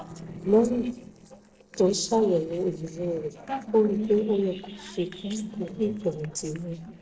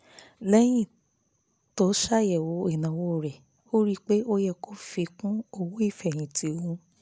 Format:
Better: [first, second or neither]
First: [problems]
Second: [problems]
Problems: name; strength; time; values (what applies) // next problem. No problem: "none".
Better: second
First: noise reduction (neural separator model SepFormer DNS4)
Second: none